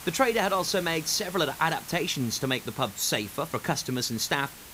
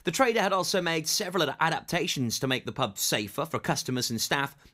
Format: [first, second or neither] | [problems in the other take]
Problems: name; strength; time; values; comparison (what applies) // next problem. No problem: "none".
second | hiss; noticeable; throughout; 15 dB below the speech